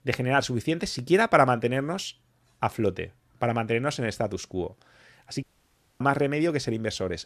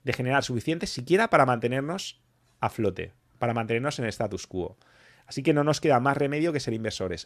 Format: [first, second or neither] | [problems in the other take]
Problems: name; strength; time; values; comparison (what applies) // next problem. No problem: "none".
second | audio cutting out; at 5.5 s for 0.5 s